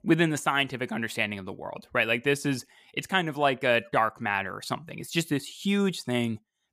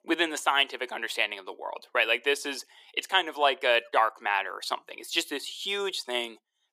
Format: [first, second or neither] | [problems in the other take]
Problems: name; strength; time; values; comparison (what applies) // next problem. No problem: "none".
first | thin; very; fading below 350 Hz